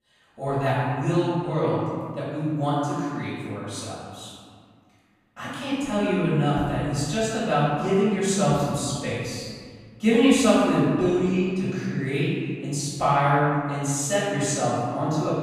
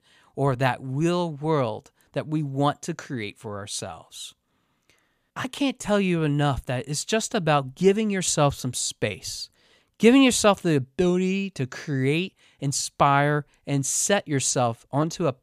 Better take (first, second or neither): second